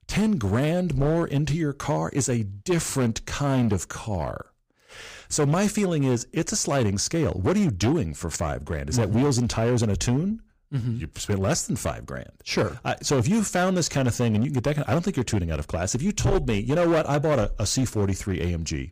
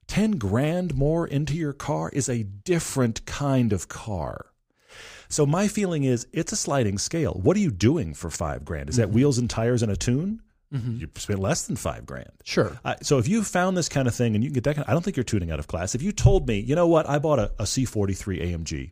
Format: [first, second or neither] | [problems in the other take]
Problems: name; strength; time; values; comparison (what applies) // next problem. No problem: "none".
second | distortion; slight; 10% of the sound clipped